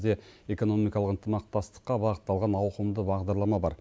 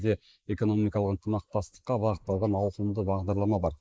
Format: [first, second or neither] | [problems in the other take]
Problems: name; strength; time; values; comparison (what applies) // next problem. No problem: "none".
first | noise reduction (neural mask model Resemble Enhance denoiser)